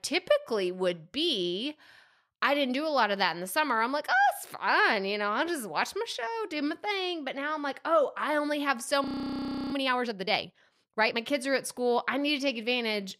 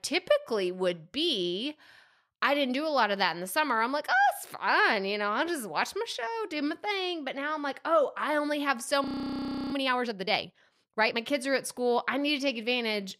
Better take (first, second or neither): neither